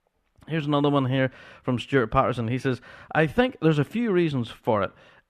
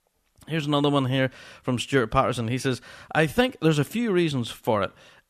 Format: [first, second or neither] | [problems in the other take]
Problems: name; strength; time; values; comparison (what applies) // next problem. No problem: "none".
second | muffled; slightly; fading above 4 kHz